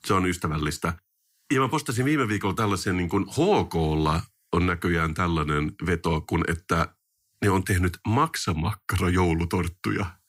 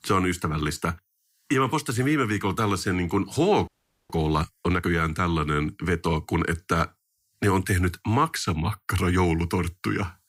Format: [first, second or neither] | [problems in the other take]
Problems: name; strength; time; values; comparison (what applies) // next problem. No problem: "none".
first | audio freezing; at 3.5 s